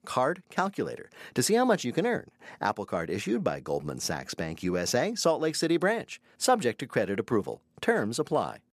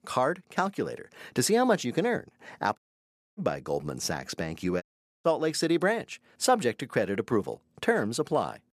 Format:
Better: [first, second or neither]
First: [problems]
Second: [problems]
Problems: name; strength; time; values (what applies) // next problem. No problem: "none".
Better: first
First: none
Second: audio cutting out; at 3 s for 0.5 s and at 5 s